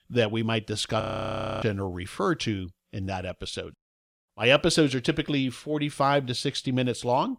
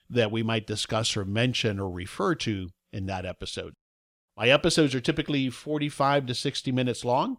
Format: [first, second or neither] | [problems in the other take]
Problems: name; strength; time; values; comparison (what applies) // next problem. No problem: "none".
second | audio freezing; at 1 s for 0.5 s